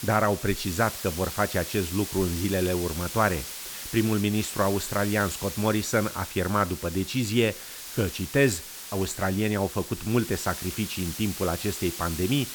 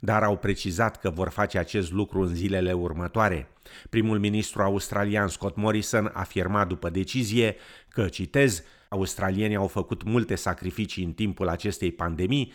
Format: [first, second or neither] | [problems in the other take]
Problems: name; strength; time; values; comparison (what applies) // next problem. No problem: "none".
second | hiss; loud; throughout; 8 dB below the speech